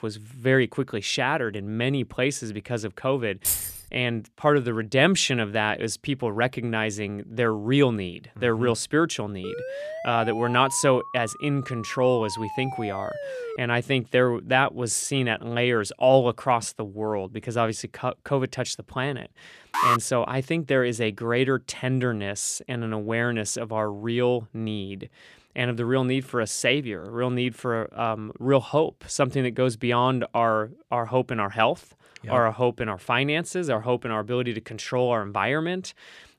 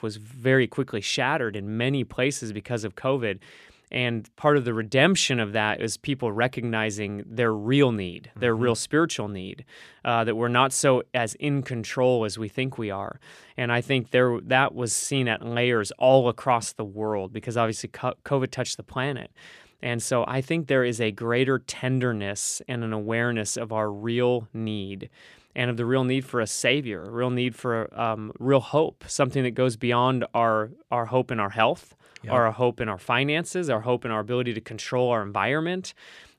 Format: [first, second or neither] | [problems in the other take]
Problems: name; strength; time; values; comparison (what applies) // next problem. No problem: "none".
second | jangling keys; loud; at 3.5 s; peak 1 dB above the speech // siren; noticeable; from 9.5 to 14 s; peak 8 dB below the speech // alarm; loud; at 20 s; peak 3 dB above the speech